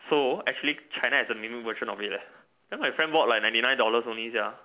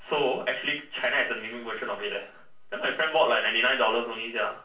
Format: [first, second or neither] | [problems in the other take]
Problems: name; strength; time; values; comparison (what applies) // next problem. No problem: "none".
first | room echo; dies away in 0.3 s